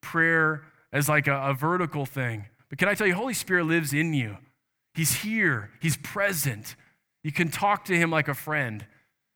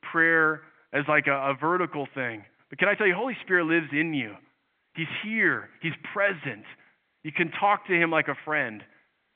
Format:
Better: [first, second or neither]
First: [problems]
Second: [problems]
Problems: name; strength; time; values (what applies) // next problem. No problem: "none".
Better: first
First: none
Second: phone-call audio; nothing above 3.5 kHz